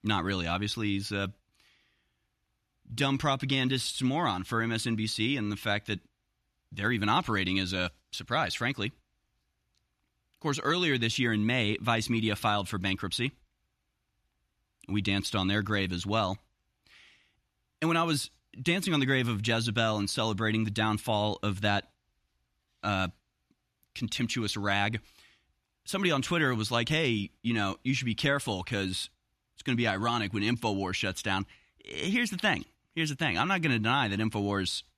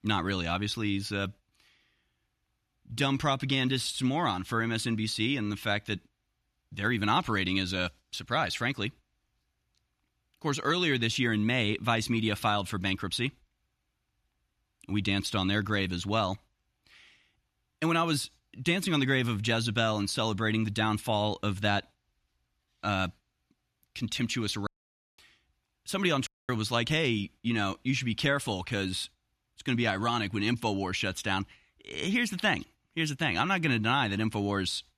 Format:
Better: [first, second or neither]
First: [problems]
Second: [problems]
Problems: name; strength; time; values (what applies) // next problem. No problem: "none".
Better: first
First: none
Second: audio cutting out; at 25 s for 0.5 s and at 26 s